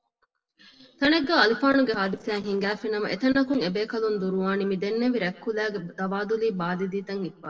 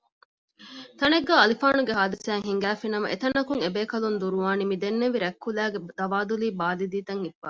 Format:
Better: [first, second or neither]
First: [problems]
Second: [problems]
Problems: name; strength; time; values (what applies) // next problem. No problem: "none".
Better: second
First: noise reduction (neural separator model SepFormer DNS4)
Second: none